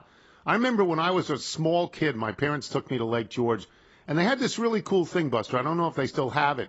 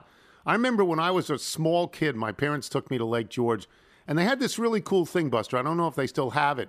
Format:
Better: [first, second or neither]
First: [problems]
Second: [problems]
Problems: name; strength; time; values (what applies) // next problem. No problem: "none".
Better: second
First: garbled, watery; badly; nothing above 7.5 kHz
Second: none